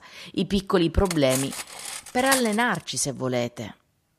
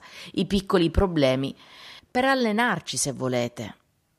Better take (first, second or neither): second